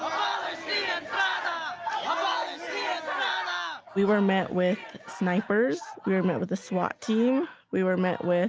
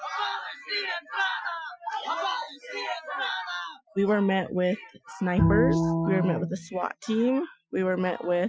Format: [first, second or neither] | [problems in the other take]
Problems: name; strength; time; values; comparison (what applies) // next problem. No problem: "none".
first | noise reduction (classical method Wiener filter)